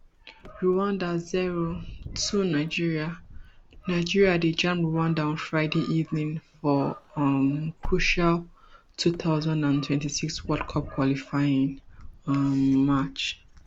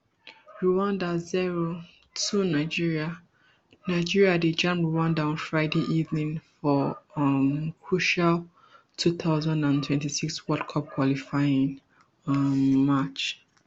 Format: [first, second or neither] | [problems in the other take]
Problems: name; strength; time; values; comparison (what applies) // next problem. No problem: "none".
second | background sound (Wind / Car); 14 dB below the speech